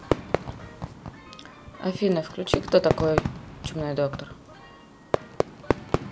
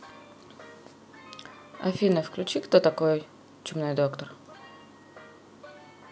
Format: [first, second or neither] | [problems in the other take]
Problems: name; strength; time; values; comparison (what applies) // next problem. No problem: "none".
second | background sound (Fireworks); 1 dB below the speech